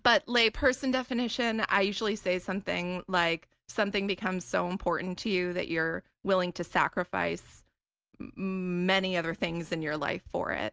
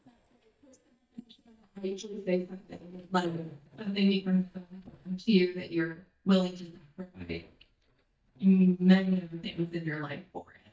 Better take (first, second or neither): first